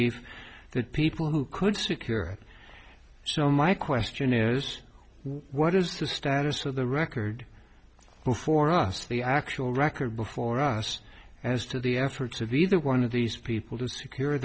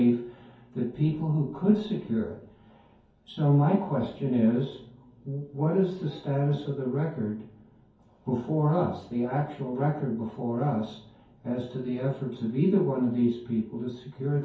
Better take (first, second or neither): first